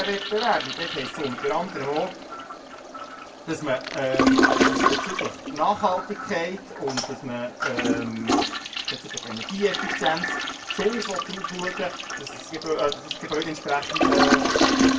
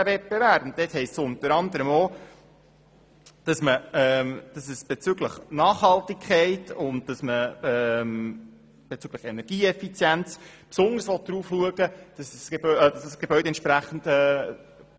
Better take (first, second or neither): second